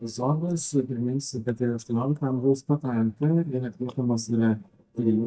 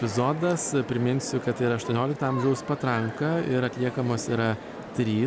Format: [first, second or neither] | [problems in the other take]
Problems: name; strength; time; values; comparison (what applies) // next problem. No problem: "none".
second | noise reduction (neural mask model DeepFilterNet 3)